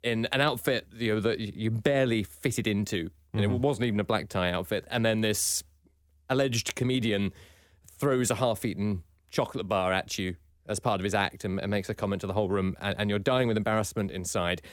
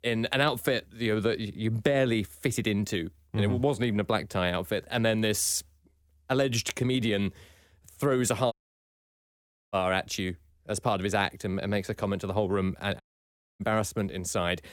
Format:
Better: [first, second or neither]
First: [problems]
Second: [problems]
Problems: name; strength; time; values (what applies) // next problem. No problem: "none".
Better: first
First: none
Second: audio cutting out; at 8.5 s for 1 s and at 13 s for 0.5 s